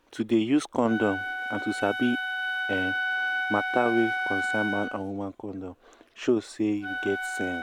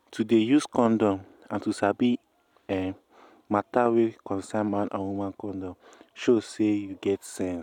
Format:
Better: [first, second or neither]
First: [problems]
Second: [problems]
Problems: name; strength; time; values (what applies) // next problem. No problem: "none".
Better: second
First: background sound (Wind instrument, woodwind instrument); 3 dB below the speech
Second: none